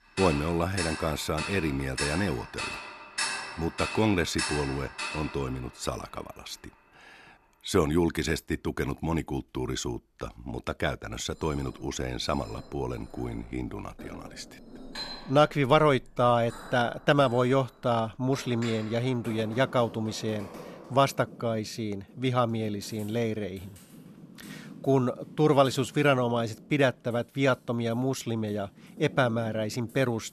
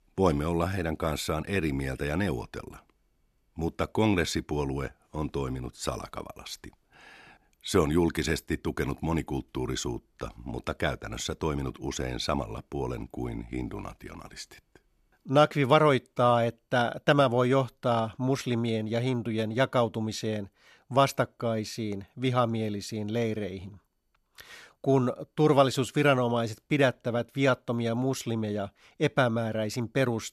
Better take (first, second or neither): second